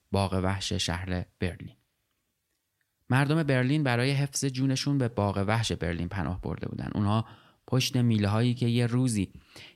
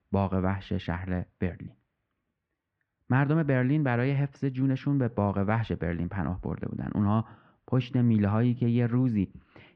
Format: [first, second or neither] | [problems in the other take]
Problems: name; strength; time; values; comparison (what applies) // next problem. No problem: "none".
first | muffled; very; fading above 2 kHz